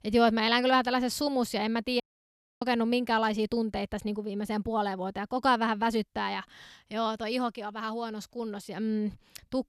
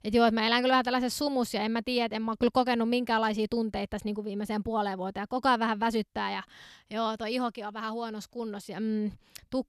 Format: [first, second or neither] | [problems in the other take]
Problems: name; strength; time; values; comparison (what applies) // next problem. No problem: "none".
second | audio cutting out; at 2 s for 0.5 s